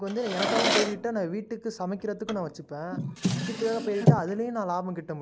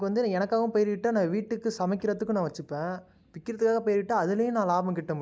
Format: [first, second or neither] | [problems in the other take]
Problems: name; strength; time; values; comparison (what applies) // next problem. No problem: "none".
second | background sound (Drawer open or close); 1 dB above the speech